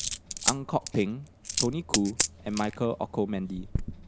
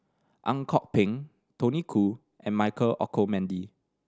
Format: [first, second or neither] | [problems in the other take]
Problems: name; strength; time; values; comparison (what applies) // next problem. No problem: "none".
second | background sound (Coin (dropping)); 2 dB below the speech